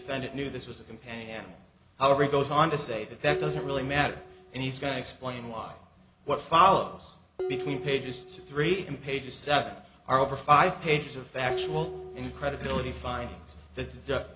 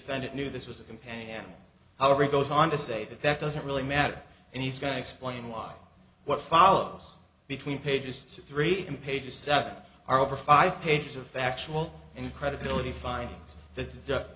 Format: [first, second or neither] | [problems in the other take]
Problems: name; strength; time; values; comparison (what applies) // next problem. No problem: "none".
second | background sound (Dishes, pots, and pans); 13 dB below the speech